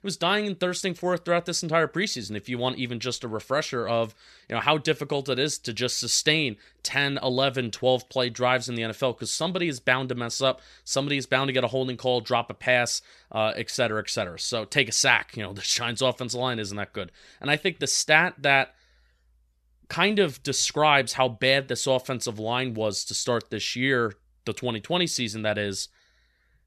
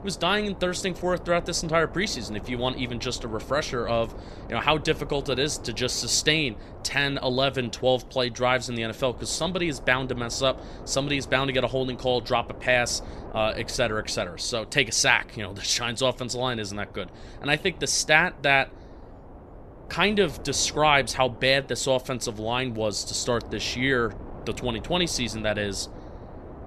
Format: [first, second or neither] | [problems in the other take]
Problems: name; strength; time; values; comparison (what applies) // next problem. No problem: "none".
first | wind noise on the microphone; occasional gusts; 20 dB below the speech